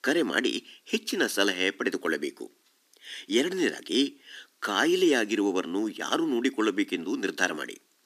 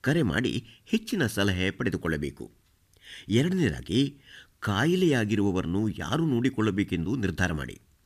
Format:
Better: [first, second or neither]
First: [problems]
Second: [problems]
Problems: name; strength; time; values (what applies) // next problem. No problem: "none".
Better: second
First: thin; somewhat; fading below 300 Hz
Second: none